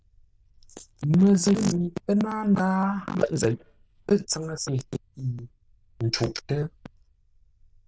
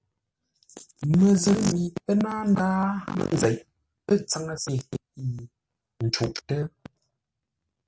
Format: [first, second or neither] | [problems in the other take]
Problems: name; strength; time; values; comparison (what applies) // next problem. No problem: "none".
second | noise reduction (neural diffusion model UNIVERSE++)